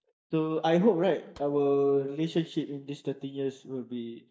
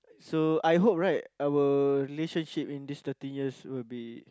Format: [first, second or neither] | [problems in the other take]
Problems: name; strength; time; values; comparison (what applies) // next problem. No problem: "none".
second | noise reduction (neural mask model DeepFilterNet 3)